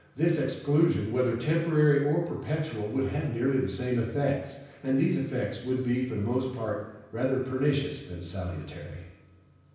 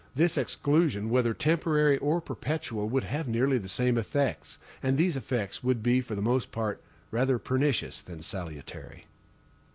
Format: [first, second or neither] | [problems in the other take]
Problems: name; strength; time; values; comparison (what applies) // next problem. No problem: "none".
second | room echo; dies away in 0.9 s